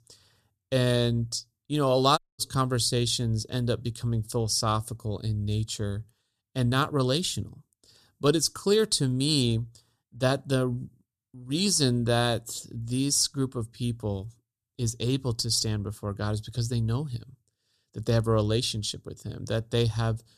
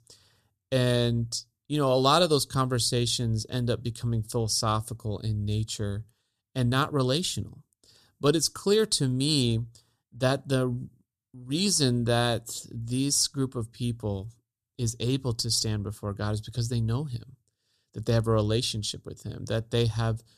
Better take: second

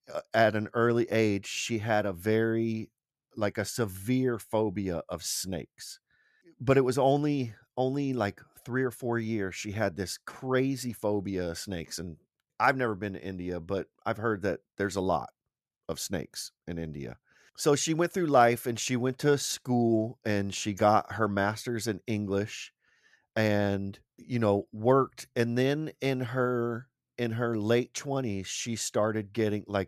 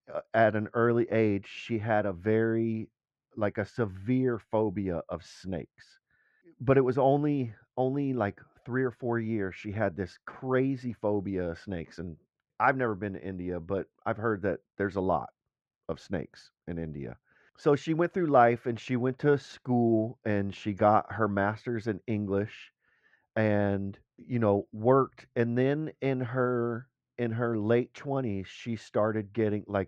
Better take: first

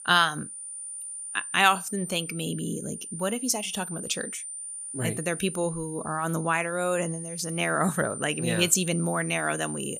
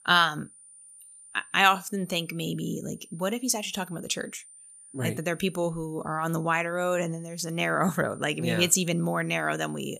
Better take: second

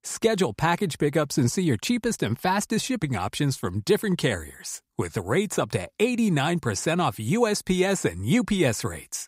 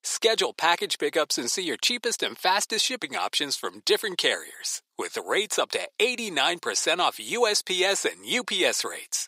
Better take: first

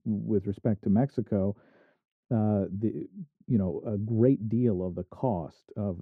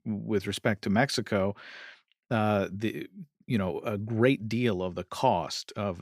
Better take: second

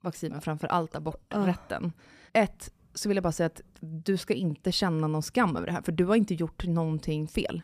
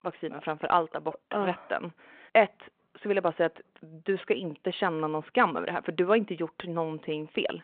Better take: first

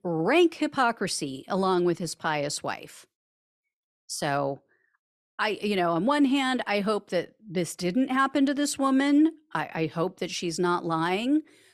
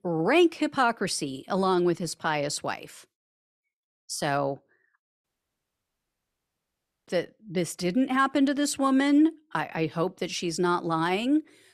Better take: first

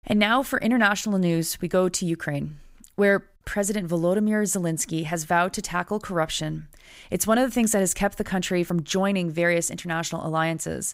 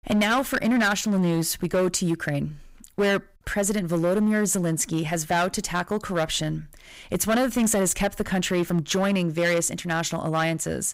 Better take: first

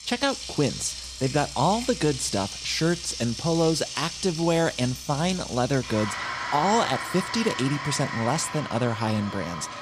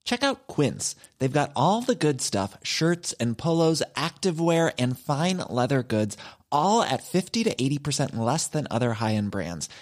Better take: second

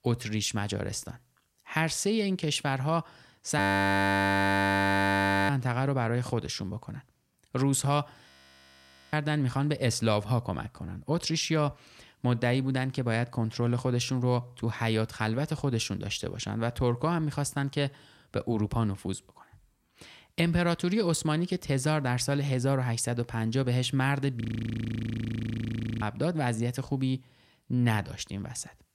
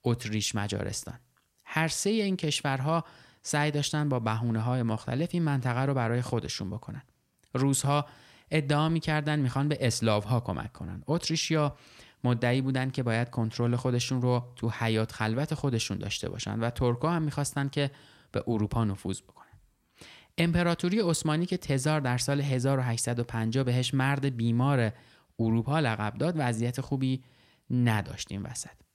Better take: second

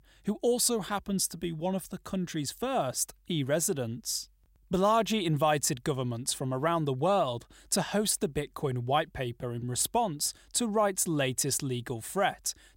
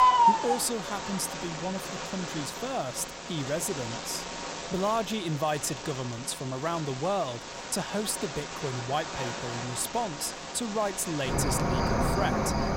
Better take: first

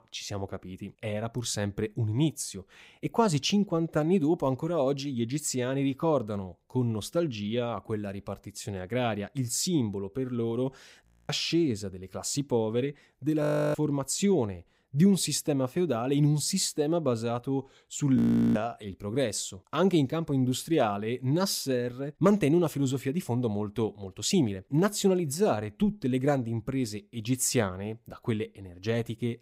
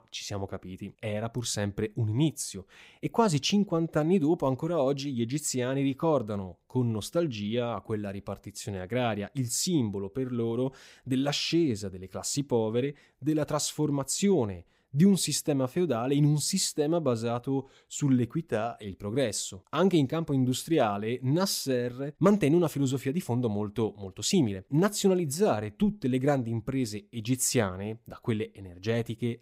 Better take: second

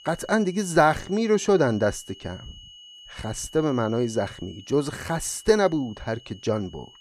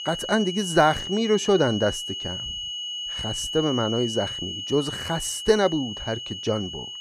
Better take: first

